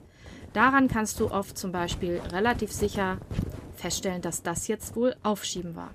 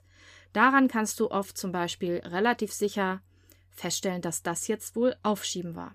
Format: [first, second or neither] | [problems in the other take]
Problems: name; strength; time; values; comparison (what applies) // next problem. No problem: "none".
second | wind noise on the microphone; occasional gusts; 20 dB below the speech